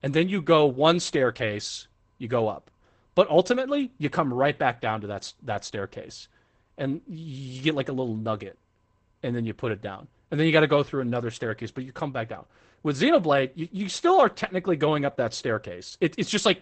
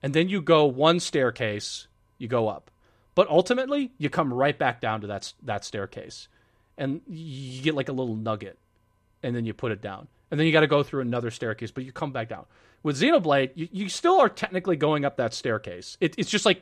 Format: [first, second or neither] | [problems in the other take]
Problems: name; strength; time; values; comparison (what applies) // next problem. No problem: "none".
second | garbled, watery; badly; nothing above 8 kHz